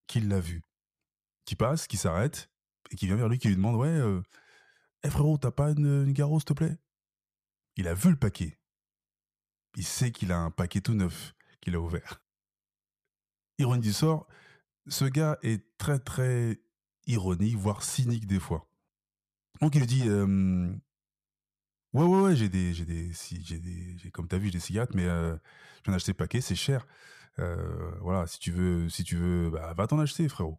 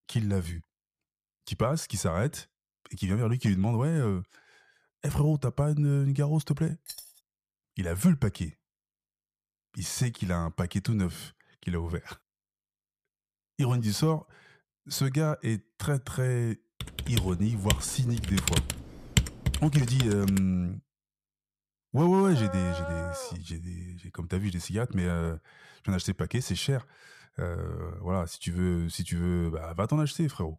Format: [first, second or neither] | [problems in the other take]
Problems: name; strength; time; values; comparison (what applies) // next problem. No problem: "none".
first | jangling keys; faint; at 7 s; peak 15 dB below the speech // keyboard typing; loud; from 17 to 20 s; peak 2 dB above the speech // dog barking; noticeable; from 22 to 23 s; peak 7 dB below the speech